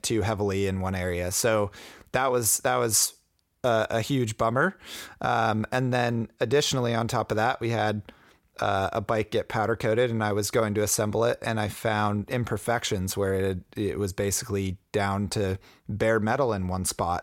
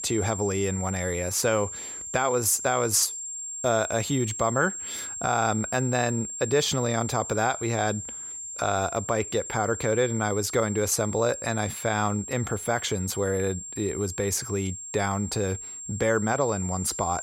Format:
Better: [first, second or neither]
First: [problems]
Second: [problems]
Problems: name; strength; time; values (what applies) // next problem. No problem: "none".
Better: first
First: none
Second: high-pitched whine; loud; throughout; 7.5 kHz, 7 dB below the speech